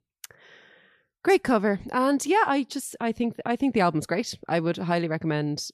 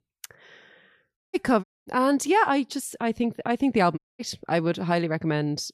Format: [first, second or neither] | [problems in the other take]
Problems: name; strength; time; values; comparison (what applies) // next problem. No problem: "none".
first | audio cutting out; at 1 s, at 1.5 s and at 4 s